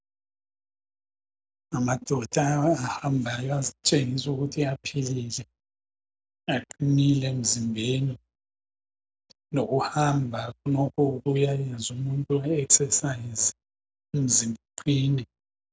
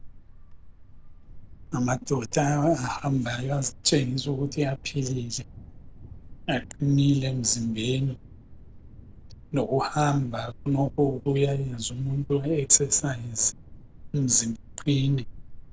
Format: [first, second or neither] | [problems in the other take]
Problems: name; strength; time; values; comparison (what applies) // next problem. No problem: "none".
first | background sound (Thunder); 16 dB below the speech